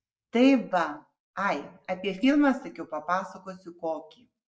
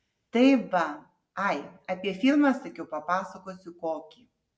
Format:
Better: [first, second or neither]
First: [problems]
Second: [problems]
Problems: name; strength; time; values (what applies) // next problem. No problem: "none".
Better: second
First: noise reduction (neural mask model Resemble Enhance denoiser)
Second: none